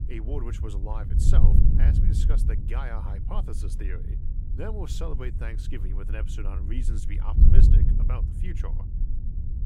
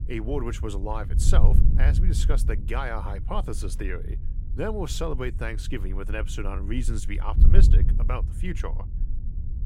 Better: second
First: wind noise on the microphone; heavy; 2 dB below the speech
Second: wind noise on the microphone; occasional gusts; 10 dB below the speech

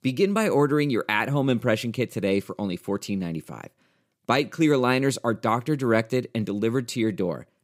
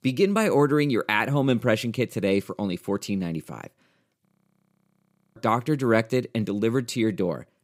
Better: first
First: none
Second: audio freezing; at 4.5 s for 1 s

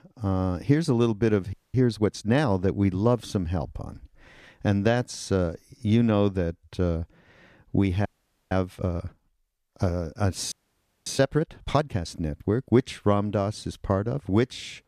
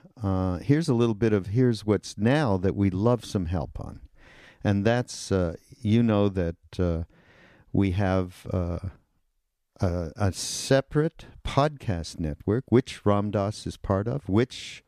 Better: second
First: audio freezing; at 1.5 s, at 8 s and at 11 s for 0.5 s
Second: none

